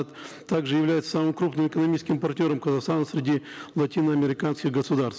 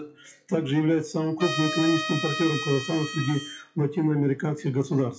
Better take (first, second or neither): first